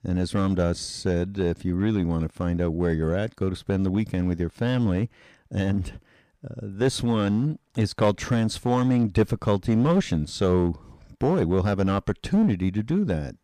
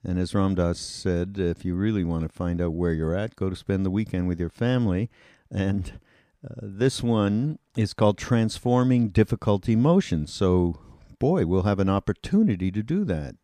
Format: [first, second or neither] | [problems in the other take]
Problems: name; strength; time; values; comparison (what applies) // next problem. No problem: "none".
second | distortion; slight; 6% of the sound clipped